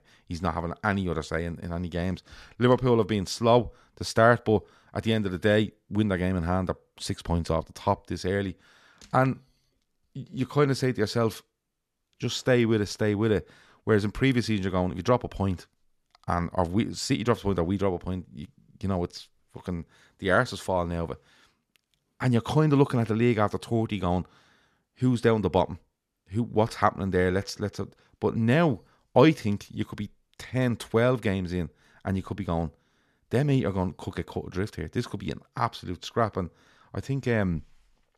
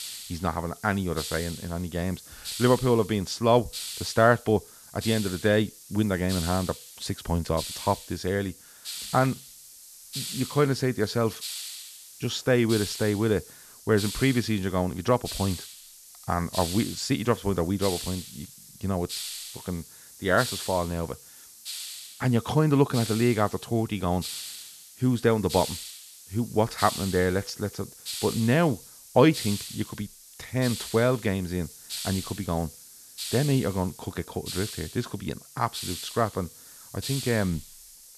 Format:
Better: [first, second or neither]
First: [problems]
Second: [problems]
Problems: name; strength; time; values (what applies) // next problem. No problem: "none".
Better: first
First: none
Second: hiss; noticeable; throughout; 10 dB below the speech